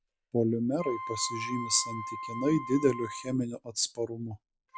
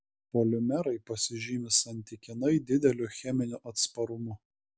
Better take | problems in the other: second | background sound (Wind instrument, woodwind instrument); 10 dB below the speech

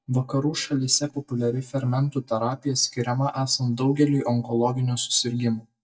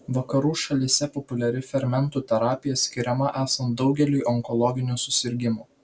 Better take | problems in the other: second | noise reduction (neural mask model DeepFilterNet 3)

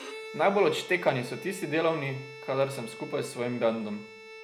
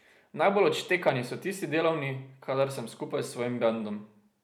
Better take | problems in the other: second | background sound (Bowed string instrument); 14 dB below the speech

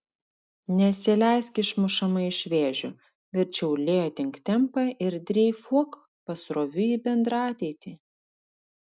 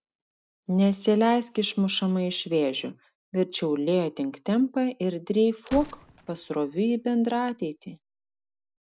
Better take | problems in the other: first | background sound (Gunshot, gunfire); 20 dB below the speech

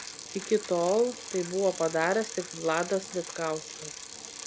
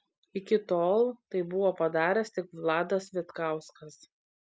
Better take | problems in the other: second | background sound (Bicycle); 11 dB below the speech

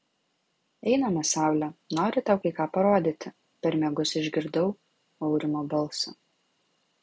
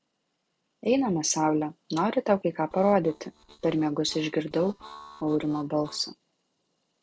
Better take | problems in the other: first | noise reduction (neural separator model SepFormer DNS4)

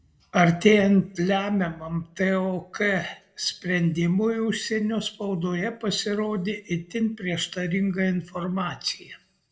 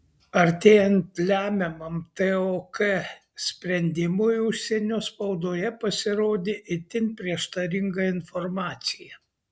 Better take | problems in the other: second | room echo; dies away in 0.4 s

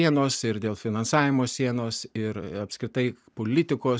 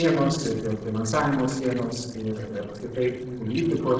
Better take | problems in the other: first | noise reduction (neural separator model SepFormer DNS4)

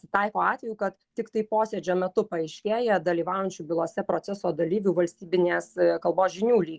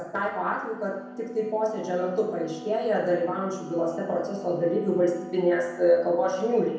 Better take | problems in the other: first | background sound (Wind instrument, woodwind instrument); 17 dB below the speech // room echo; dies away in 0.8 s

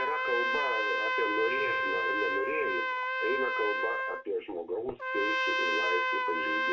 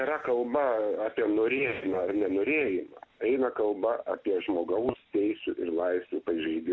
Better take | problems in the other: second | background sound (Trumpet); 4 dB above the speech // room echo; dies away in 0.2 s

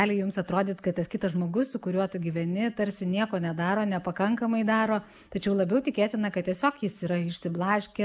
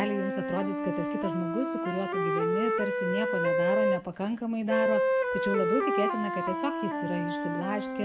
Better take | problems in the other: first | background sound (Wind instrument, woodwind instrument); 3 dB above the speech // room echo; dies away in 0.4 s

